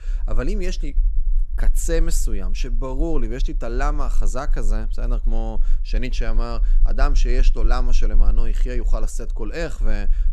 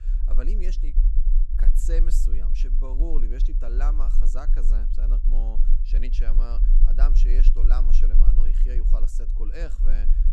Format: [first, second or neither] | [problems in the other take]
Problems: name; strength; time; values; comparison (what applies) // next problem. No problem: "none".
first | low rumble; loud; throughout; 8 dB below the speech; faint in the first